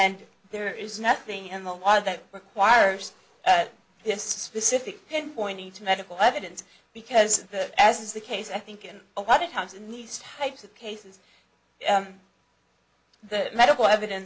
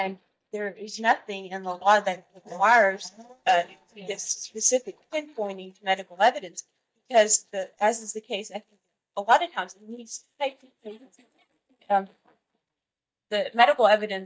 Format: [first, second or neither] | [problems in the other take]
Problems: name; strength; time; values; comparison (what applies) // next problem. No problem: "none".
first | noise reduction (neural mask model DeepFilterNet 3)